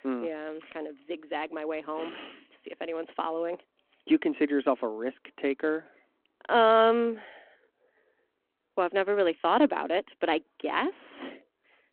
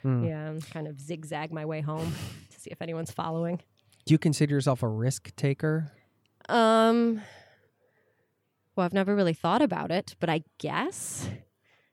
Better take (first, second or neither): second